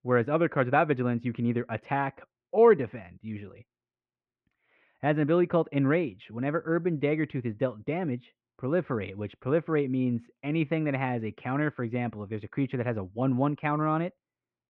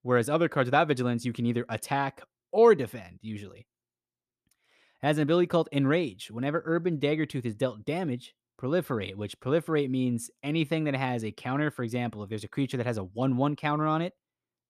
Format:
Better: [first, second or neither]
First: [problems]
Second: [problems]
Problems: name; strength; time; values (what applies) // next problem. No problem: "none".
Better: second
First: muffled; very; fading above 2.5 kHz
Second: none